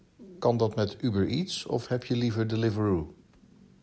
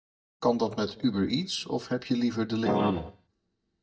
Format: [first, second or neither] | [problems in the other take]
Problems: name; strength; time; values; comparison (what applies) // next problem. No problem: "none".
first | noise reduction (neural mask model DeepFilterNet 3)